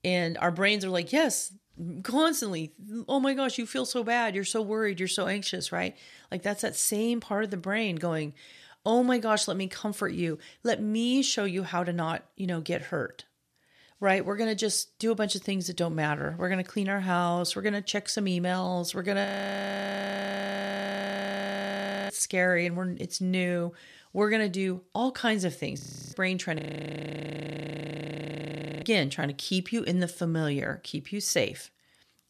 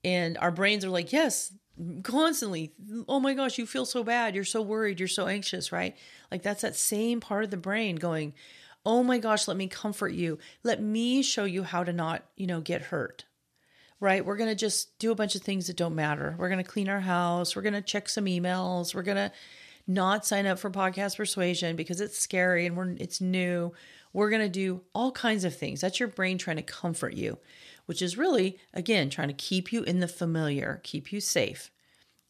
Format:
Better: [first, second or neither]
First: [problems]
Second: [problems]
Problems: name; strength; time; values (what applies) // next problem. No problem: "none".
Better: second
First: audio freezing; at 19 s for 3 s, at 26 s and at 27 s for 2 s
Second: none